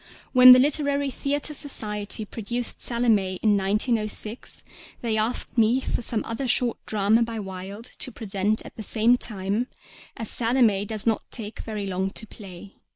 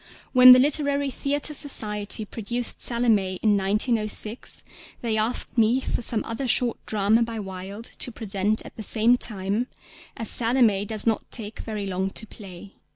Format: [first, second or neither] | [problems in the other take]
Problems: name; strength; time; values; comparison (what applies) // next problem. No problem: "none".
second | noise reduction (neural mask model Resemble Enhance denoiser)